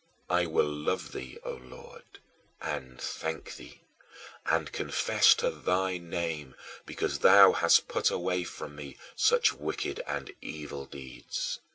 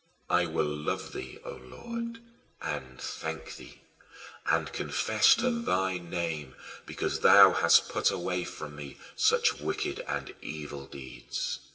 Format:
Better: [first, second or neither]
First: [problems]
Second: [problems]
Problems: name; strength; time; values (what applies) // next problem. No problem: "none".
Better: first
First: none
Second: background sound (Brass instrument); 5 dB below the speech // room echo; dies away in 2 s